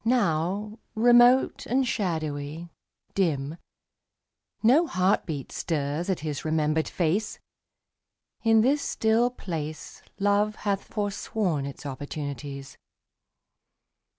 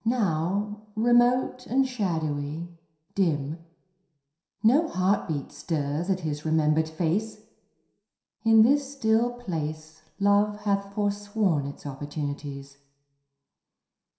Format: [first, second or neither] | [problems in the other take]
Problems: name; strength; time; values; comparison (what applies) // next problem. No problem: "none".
first | room echo; dies away in 0.7 s